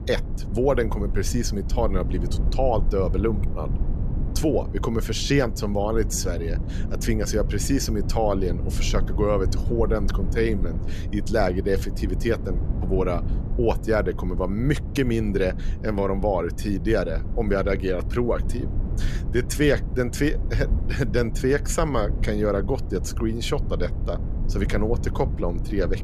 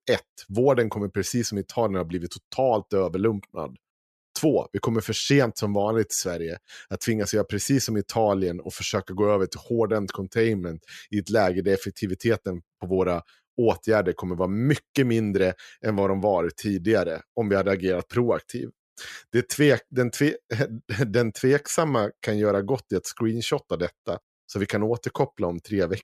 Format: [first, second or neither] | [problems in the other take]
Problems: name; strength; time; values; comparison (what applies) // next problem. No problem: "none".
second | low rumble; noticeable; throughout; 15 dB below the speech